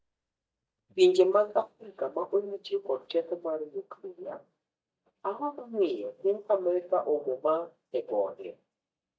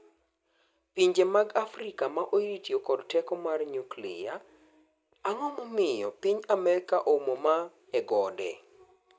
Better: second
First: noise reduction (neural mask model DeepFilterNet 3)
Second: none

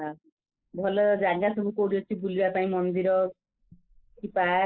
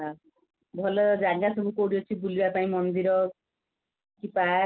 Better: second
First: noise reduction (neural mask model Resemble Enhance denoiser)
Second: none

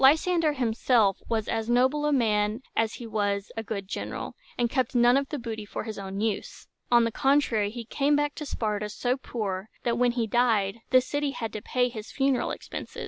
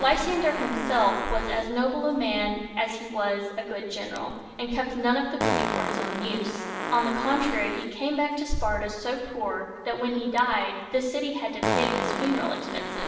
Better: first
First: none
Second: background sound (Fart); 6 dB below the speech // room echo; dies away in 1.1 s

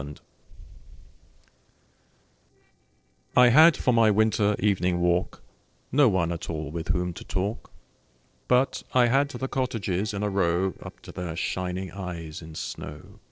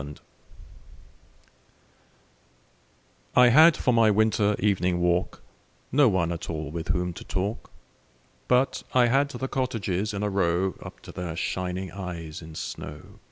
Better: second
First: noise reduction (neural separator model SepFormer DNS4)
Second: none

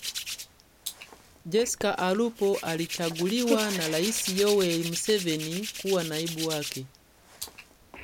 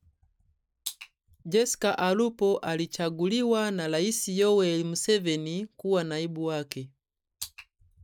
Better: second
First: background sound (Hands); 8 dB below the speech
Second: none

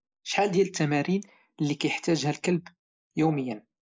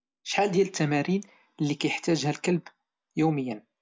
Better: second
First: noise reduction (neural mask model Resemble Enhance denoiser)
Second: none

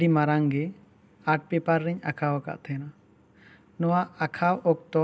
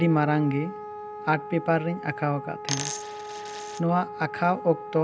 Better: first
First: none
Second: background sound (Coin (dropping) + Wind instrument, woodwind instrument); 10 dB below the speech

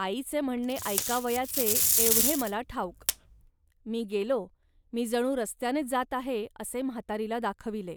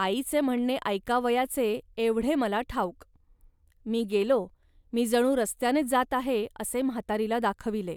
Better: second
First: background sound (Packing tape, duct tape); 2 dB above the speech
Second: none

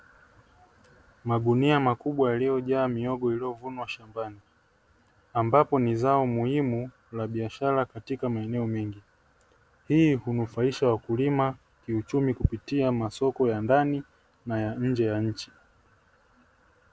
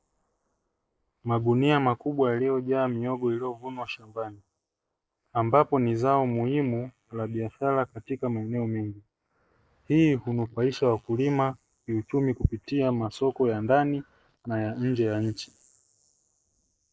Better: first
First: none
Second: noise reduction (neural mask model Resemble Enhance denoiser)

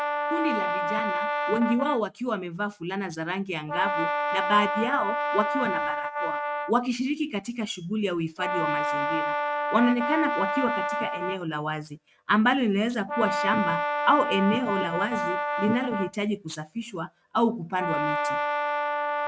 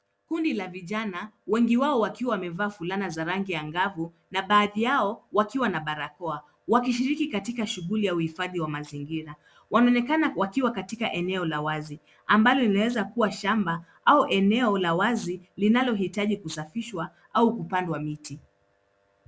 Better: second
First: noise reduction (neural mask model RNNoise)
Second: none

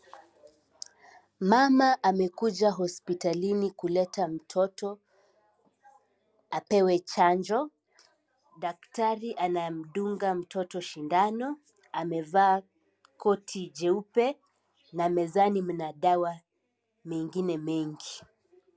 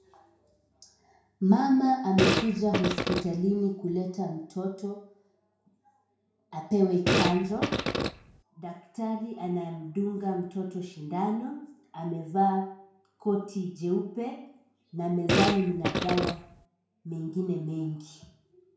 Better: first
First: none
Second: background sound (Fart); 2 dB above the speech // room echo; dies away in 0.6 s

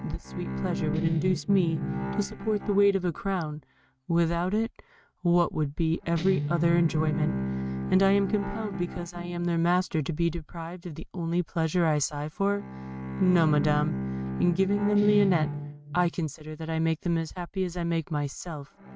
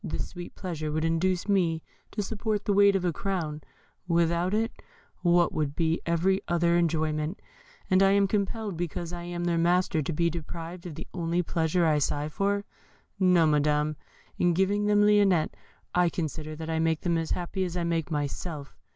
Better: second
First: noise reduction (neural mask model RNNoise)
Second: none

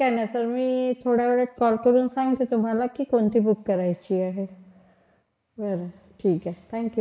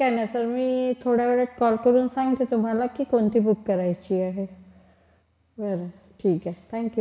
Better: second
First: noise reduction (neural mask model Resemble Enhance denoiser)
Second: none

